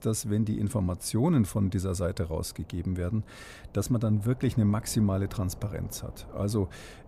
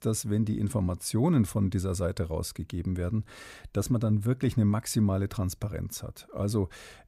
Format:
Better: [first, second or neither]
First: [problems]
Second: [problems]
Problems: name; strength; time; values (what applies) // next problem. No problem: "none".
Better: second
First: wind noise on the microphone; occasional gusts; 20 dB below the speech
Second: none